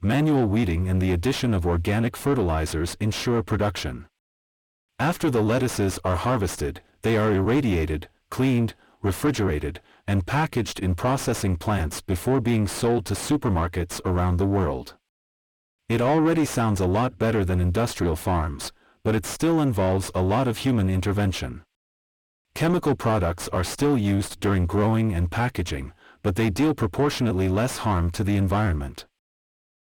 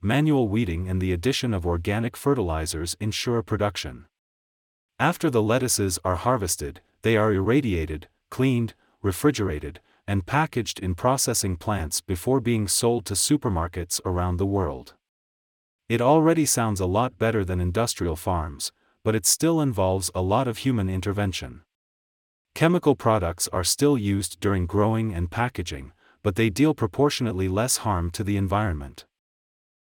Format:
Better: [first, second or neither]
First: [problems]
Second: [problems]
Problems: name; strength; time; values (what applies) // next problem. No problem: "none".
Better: second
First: distortion; heavy; 6 dB below the speech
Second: none